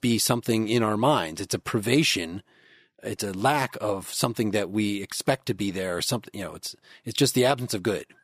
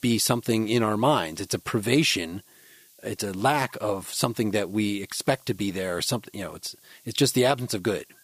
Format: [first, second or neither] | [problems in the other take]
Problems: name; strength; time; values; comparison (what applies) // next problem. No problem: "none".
first | hiss; faint; throughout; 30 dB below the speech